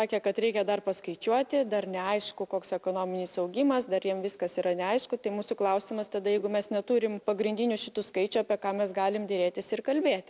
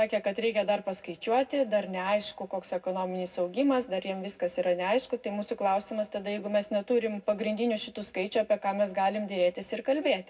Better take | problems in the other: first | room echo; dies away in 0.3 s

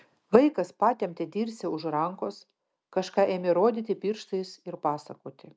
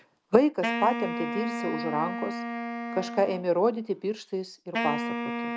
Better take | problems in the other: first | background sound (Wind instrument, woodwind instrument); 5 dB below the speech

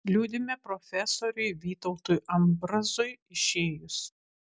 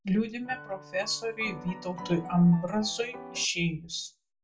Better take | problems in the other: first | background sound (Piano); 14 dB below the speech // room echo; dies away in 0.2 s

